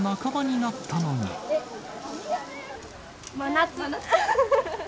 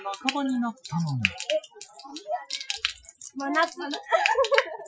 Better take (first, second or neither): first